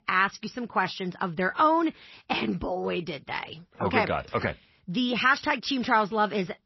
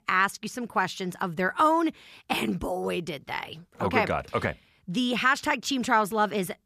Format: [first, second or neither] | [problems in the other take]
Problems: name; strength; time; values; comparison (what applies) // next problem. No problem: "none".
second | garbled, watery; slightly; nothing above 5.5 kHz